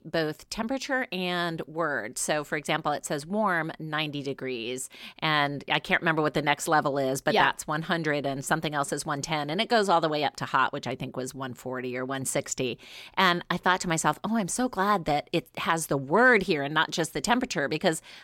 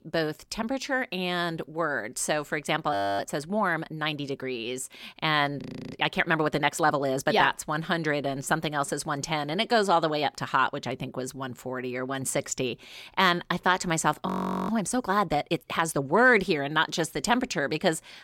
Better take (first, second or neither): first